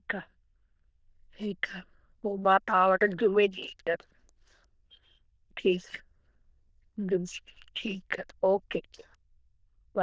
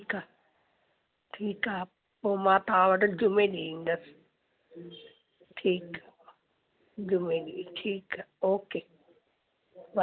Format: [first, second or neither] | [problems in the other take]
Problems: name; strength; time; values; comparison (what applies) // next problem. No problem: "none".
second | noise reduction (neural diffusion model UNIVERSE++)